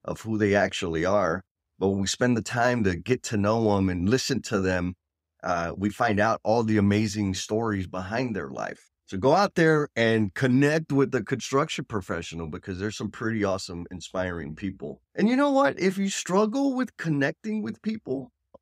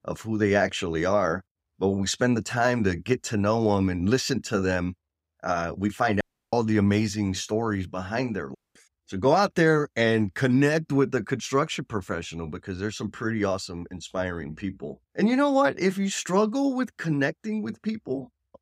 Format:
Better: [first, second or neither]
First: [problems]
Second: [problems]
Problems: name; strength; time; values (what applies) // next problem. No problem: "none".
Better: first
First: none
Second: audio cutting out; at 6 s and at 8.5 s